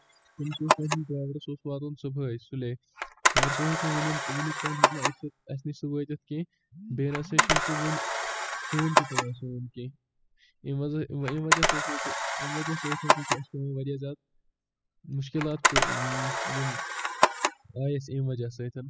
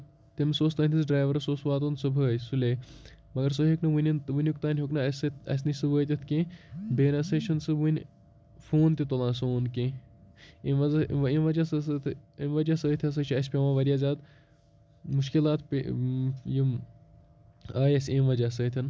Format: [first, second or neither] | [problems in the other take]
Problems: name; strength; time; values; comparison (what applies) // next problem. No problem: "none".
second | noise reduction (classical method spectral subtraction)